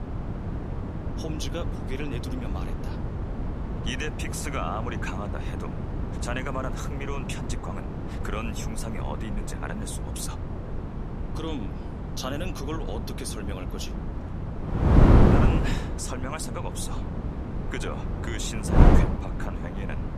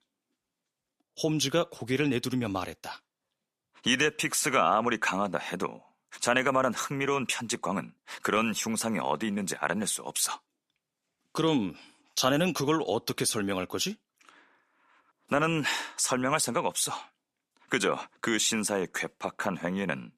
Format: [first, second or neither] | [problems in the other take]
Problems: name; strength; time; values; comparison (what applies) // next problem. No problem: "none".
second | wind noise on the microphone; heavy; 1 dB above the speech